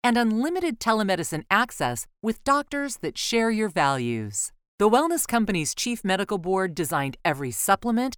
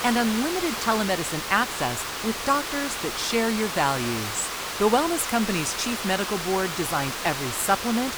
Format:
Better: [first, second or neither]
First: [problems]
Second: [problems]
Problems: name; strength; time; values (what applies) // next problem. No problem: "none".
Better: first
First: none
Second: hiss; loud; throughout; 4 dB below the speech